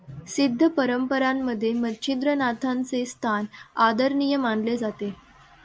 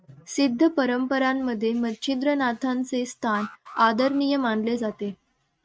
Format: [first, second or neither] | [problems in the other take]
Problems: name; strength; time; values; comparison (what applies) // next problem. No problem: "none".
first | noise reduction (neural mask model RNNoise)